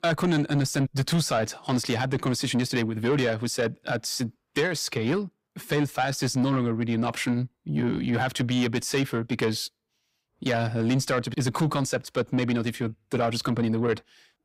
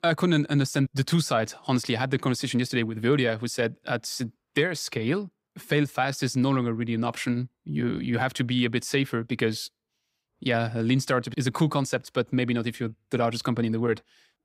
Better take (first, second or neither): second